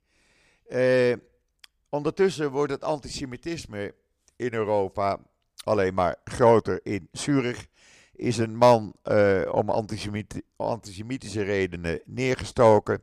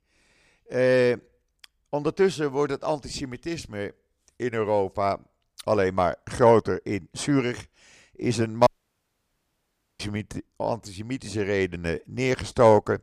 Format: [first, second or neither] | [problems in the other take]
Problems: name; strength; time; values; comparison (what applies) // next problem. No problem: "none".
first | audio cutting out; at 8.5 s for 1.5 s